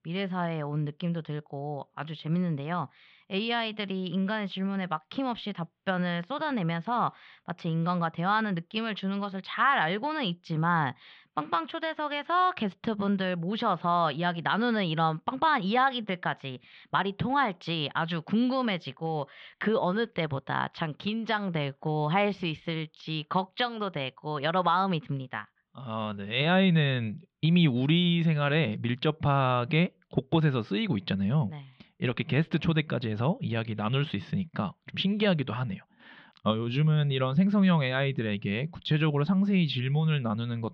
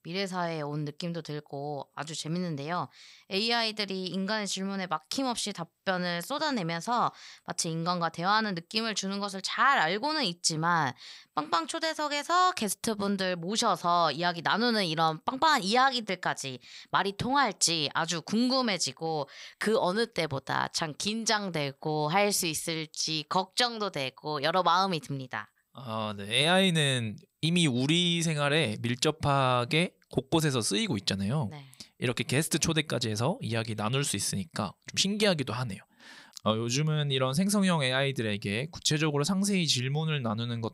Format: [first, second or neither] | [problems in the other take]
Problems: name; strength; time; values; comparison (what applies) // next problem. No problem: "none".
second | muffled; very; fading above 3.5 kHz